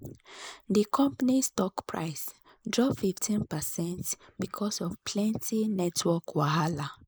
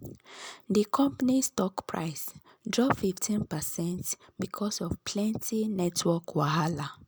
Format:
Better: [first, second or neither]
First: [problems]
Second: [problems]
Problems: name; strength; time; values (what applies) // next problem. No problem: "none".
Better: second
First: noise reduction (neural mask model Resemble Enhance denoiser)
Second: none